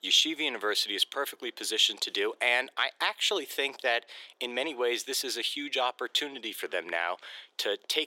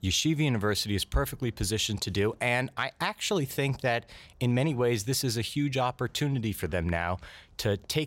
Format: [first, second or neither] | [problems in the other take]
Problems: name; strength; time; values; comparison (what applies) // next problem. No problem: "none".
second | thin; very; fading below 350 Hz